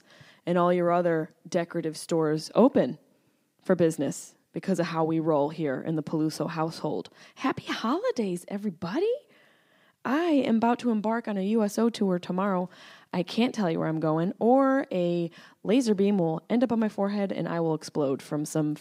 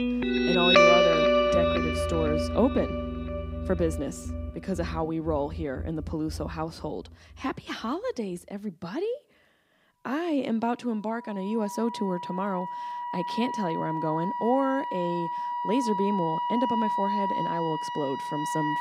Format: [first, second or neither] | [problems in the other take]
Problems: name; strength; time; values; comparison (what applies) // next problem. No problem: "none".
first | background music; very loud; throughout; 3 dB above the speech